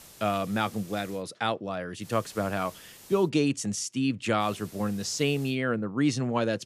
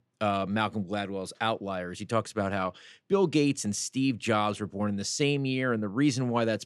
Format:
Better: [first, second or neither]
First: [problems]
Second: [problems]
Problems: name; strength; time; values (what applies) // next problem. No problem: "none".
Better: second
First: hiss; faint; until 1 s, from 2 to 3.5 s and from 4.5 to 5.5 s; 20 dB below the speech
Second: none